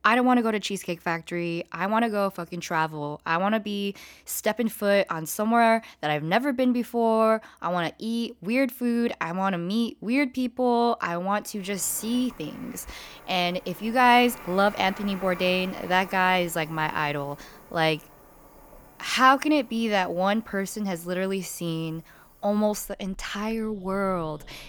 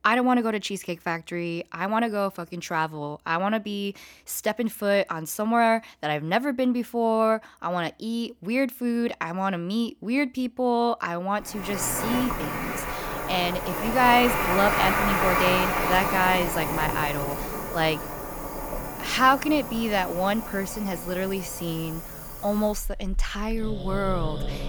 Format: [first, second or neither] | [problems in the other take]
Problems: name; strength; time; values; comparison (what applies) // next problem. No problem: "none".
first | animal sounds; loud; from 12 s on; 3 dB below the speech; faint in the first